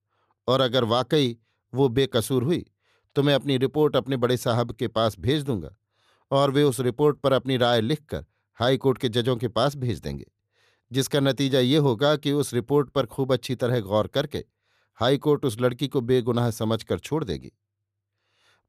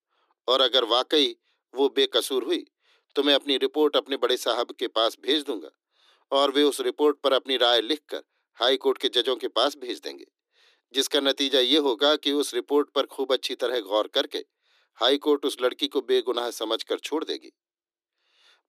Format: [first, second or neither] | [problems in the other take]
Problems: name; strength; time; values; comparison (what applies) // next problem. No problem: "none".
first | thin; very slightly; fading below 300 Hz